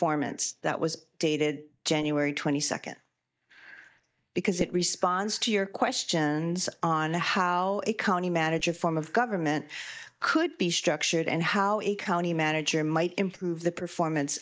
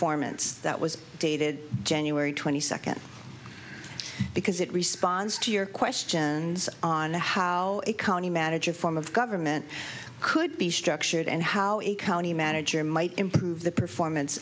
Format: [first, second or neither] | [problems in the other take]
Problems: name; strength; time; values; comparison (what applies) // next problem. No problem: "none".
second | noise reduction (neural mask model DeepFilterNet 3)